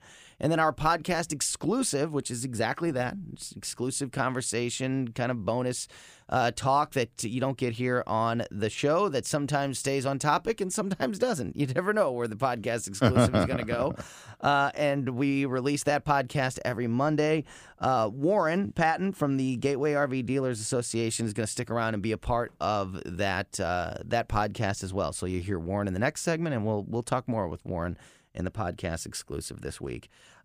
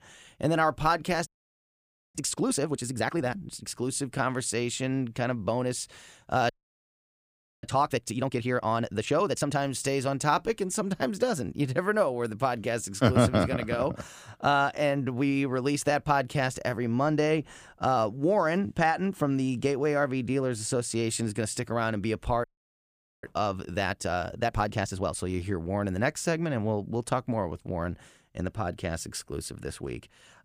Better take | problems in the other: first | audio freezing; at 1.5 s for 1 s, at 6.5 s for 1 s and at 22 s for 1 s

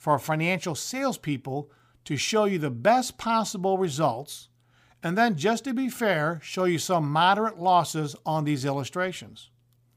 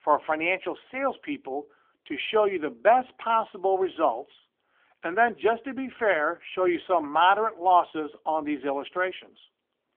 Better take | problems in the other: first | phone-call audio; nothing above 3.5 kHz

